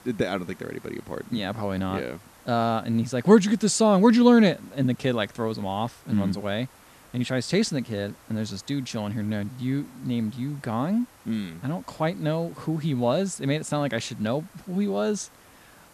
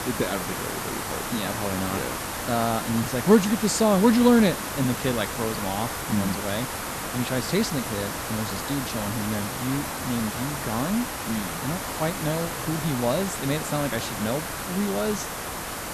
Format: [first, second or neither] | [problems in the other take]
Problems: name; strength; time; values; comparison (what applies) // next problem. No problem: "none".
first | hiss; loud; throughout; 4 dB below the speech; faint in the first